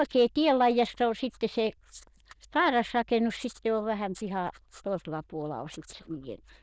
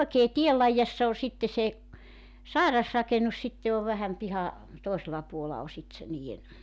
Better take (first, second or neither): second